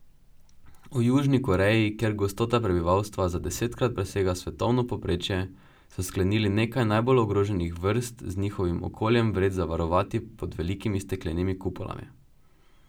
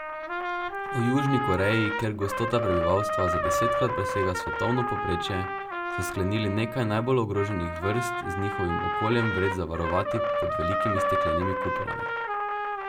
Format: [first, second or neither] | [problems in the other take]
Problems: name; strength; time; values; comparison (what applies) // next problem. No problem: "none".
first | background sound (Trumpet); 1 dB below the speech